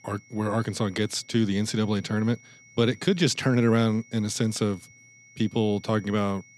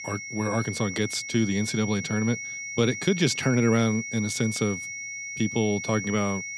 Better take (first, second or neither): first